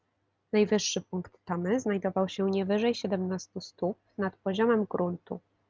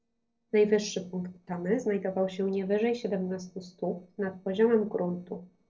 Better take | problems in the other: first | noise reduction (neural separator model SepFormer DNS4)

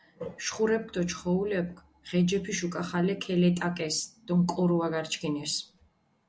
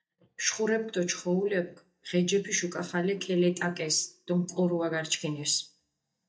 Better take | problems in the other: first | noise reduction (neural mask model DeepFilterNet 3)

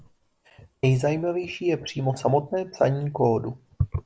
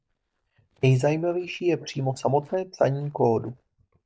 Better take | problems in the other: first | noise reduction (neural mask model DeepFilterNet 3)

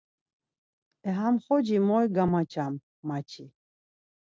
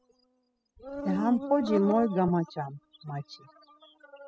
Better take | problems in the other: first | noise reduction (classical method spectral subtraction)

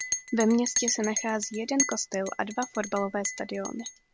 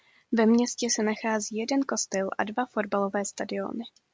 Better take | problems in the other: second | background sound (Chink, clink); 5 dB below the speech

